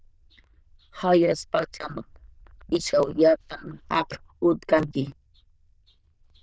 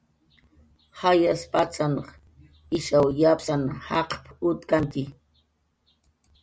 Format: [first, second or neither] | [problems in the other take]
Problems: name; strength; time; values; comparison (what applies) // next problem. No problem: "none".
second | noise reduction (neural diffusion model UNIVERSE++)